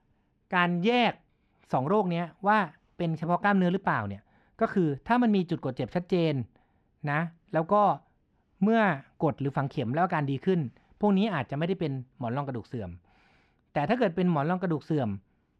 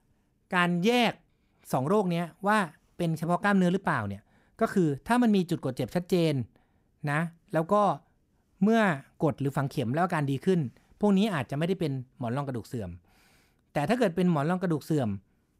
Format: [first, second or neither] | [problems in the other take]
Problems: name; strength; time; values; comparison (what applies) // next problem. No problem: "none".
second | muffled; slightly; fading above 3 kHz